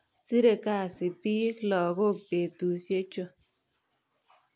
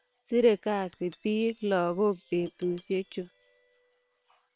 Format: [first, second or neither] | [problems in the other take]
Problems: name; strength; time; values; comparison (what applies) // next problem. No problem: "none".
first | noise reduction (neural separator model SepFormer WHAM!)